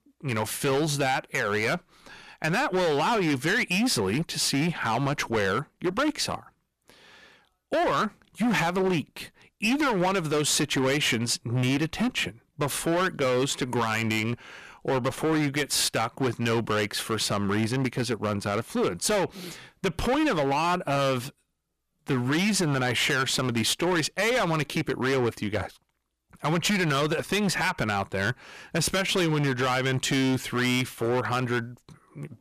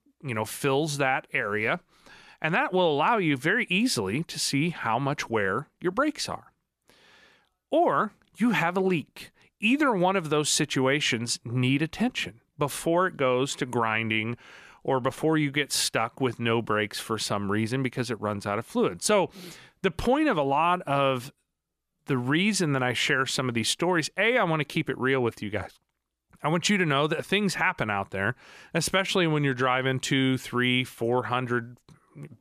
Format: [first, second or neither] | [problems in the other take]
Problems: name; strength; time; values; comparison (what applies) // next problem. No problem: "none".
second | distortion; heavy; 17% of the sound clipped